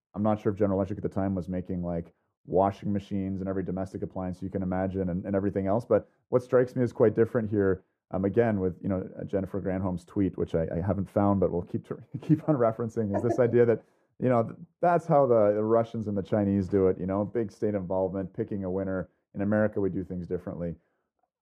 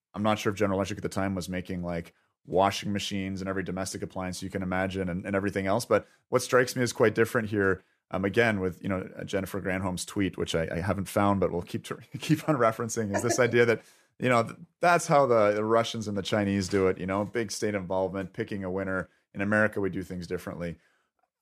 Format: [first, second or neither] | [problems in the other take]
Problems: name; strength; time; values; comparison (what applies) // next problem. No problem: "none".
second | muffled; very; fading above 1.5 kHz